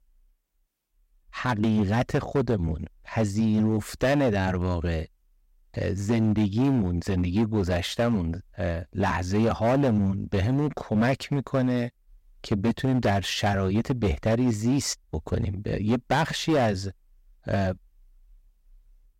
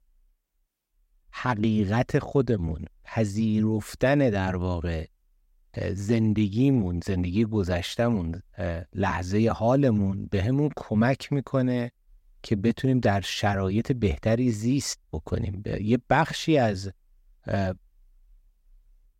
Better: second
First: distortion; slight; 8% of the sound clipped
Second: none

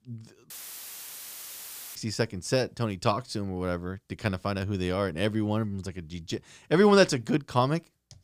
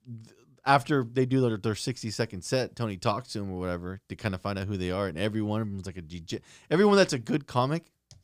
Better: second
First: audio cutting out; filled with static; at 0.5 s for 1.5 s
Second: none

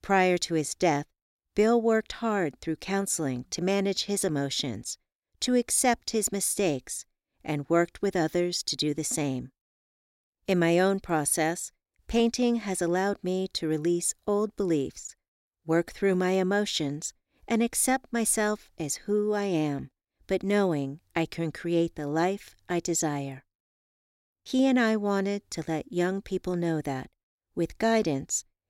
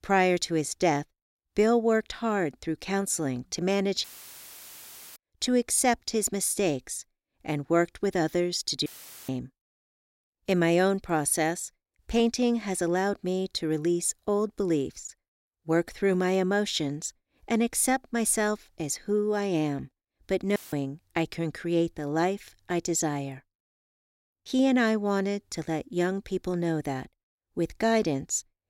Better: first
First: none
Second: audio cutting out; filled with static; at 4 s for 1 s, at 9 s and at 21 s

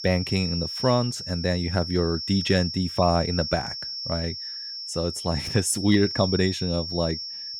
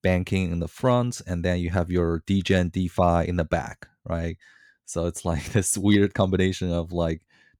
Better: second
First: high-pitched whine; loud; throughout; 5.5 kHz, 6 dB below the speech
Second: none

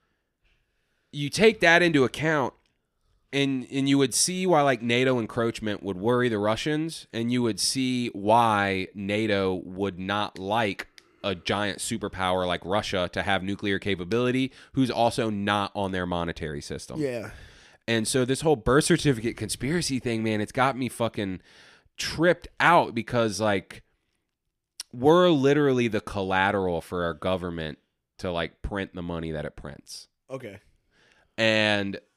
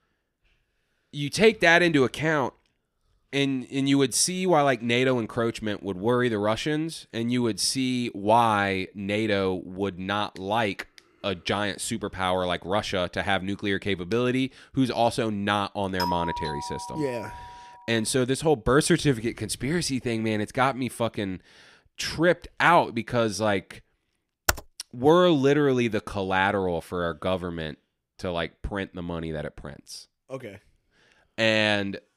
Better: first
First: none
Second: doorbell; noticeable; from 16 to 18 s; peak 4 dB below the speech // keyboard typing; very faint; at 24 s; peak 2 dB below the speech

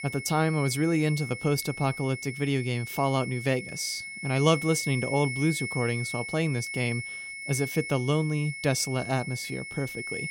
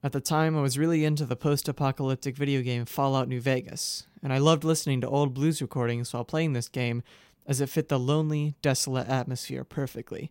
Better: second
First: high-pitched whine; loud; throughout; 2 kHz, 7 dB below the speech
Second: none

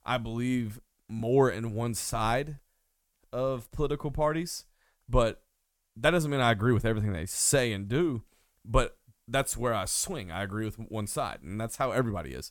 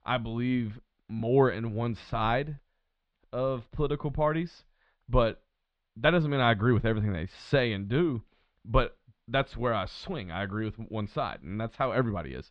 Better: first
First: none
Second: muffled; very; fading above 4 kHz

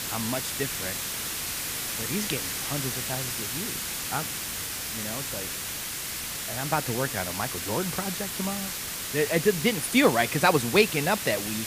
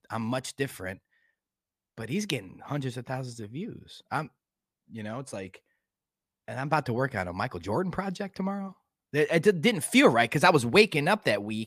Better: second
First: hiss; loud; throughout; 3 dB below the speech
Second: none

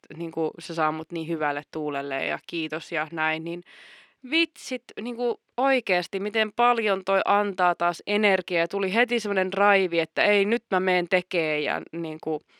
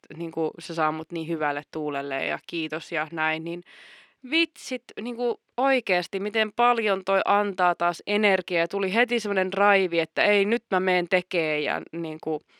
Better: neither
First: thin; very slightly; fading below 250 Hz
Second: thin; very slightly; fading below 250 Hz

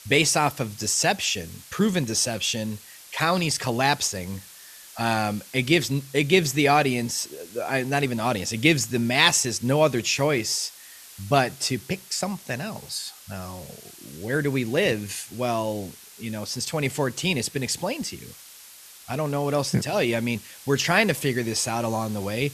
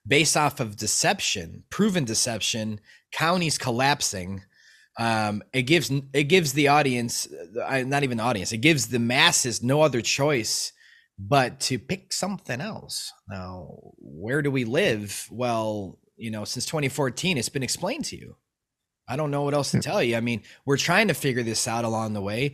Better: second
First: hiss; noticeable; throughout; 20 dB below the speech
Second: none

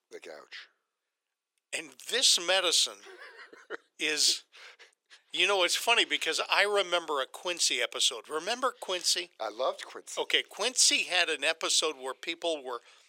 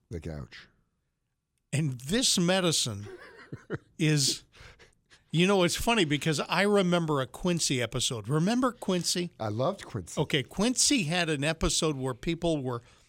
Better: second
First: thin; very; fading below 450 Hz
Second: none

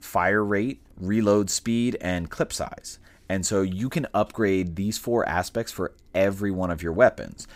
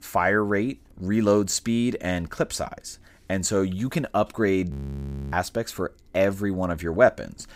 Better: first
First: none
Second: audio freezing; at 4.5 s for 0.5 s

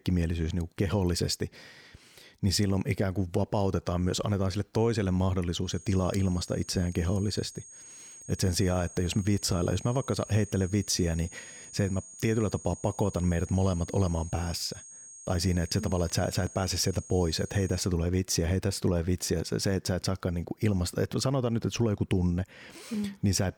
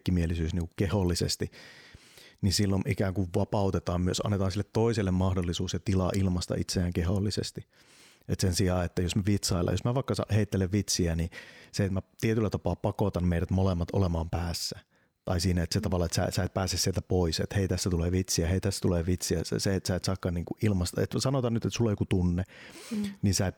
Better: second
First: high-pitched whine; noticeable; from 5.5 to 18 s; 6.5 kHz, 15 dB below the speech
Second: none

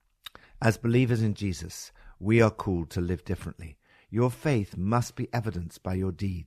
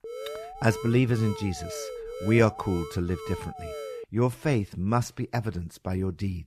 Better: first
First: none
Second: alarm; noticeable; until 4 s; peak 10 dB below the speech

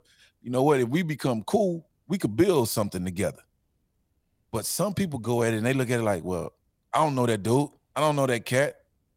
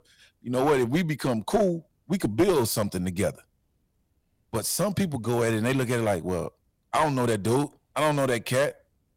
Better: first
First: none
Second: distortion; slight; 4% of the sound clipped

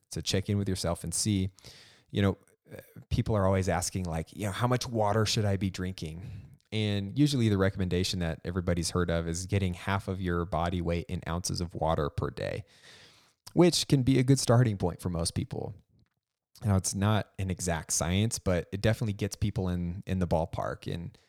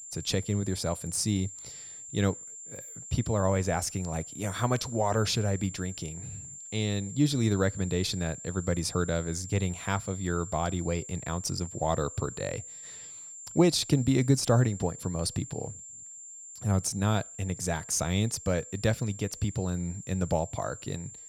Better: first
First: none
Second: high-pitched whine; noticeable; throughout; 7.5 kHz, 10 dB below the speech

